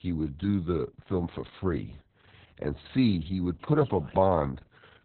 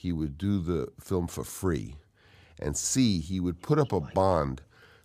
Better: second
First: garbled, watery; badly; nothing above 4 kHz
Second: none

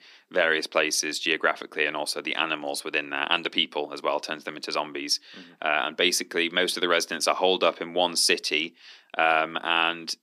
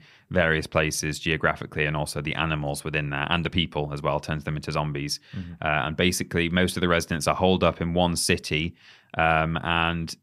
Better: second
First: thin; somewhat; fading below 250 Hz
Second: none

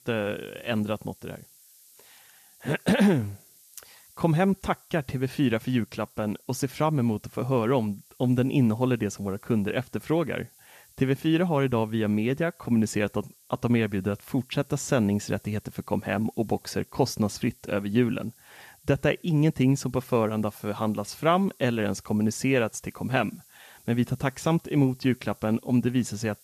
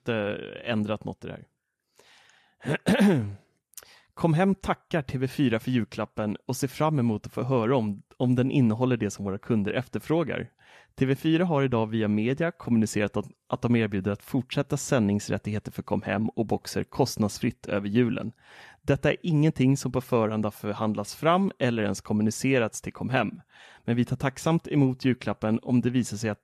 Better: second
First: hiss; faint; throughout; 25 dB below the speech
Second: none

